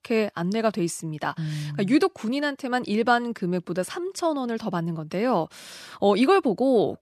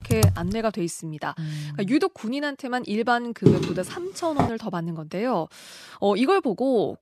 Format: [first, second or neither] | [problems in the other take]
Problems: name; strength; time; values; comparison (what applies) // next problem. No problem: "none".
first | keyboard typing; loud; at the start; peak 4 dB above the speech // footsteps; loud; from 3.5 to 4.5 s; peak 6 dB above the speech